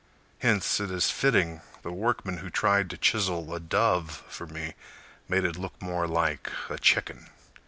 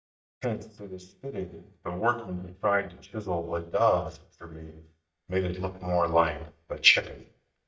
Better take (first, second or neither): first